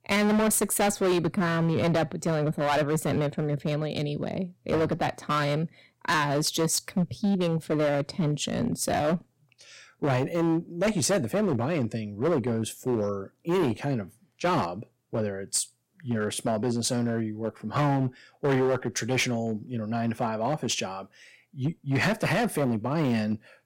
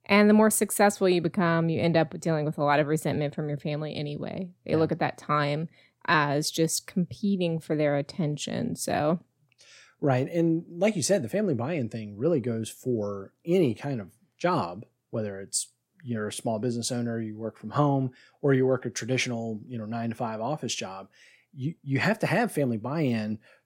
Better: second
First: distortion; heavy; 11% of the sound clipped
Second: none

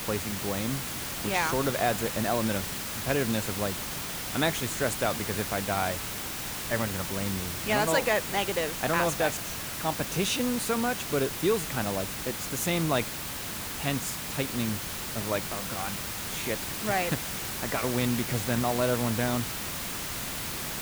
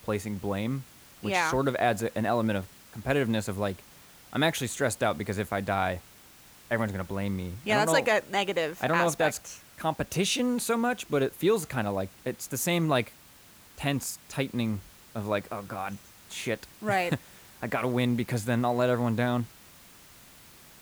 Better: second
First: hiss; loud; throughout; 2 dB below the speech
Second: hiss; faint; throughout; 20 dB below the speech

